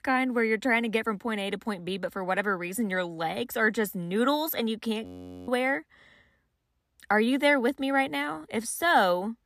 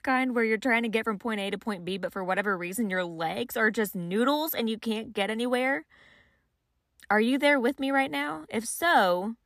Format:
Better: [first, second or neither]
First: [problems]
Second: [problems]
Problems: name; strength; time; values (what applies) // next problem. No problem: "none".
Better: second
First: audio freezing; at 5 s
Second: none